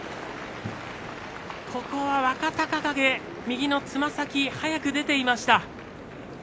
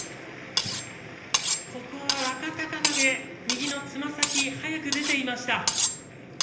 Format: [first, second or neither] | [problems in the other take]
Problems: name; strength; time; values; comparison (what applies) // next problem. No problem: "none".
first | background sound (Cutlery, silverware); 1 dB above the speech // room echo; dies away in 0.8 s